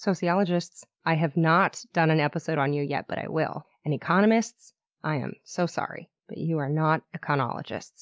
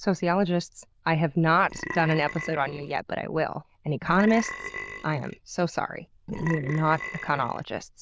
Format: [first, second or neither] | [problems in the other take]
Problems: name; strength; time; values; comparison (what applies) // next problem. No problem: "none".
first | noise reduction (neural diffusion model UNIVERSE++)